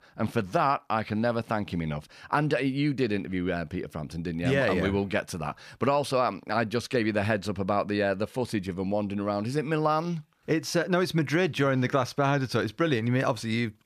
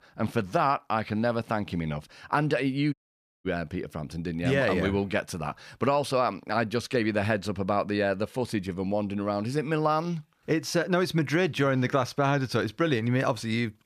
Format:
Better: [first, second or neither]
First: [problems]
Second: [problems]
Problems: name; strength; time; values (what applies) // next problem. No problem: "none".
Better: first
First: none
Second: audio cutting out; at 3 s for 0.5 s